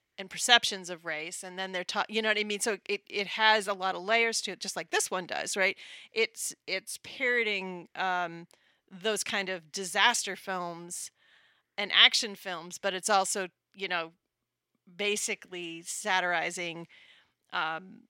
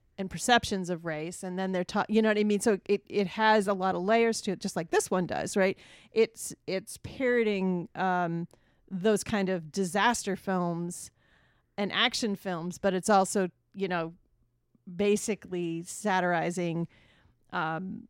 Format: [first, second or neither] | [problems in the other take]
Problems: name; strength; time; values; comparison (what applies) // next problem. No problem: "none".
second | thin; somewhat; fading below 1 kHz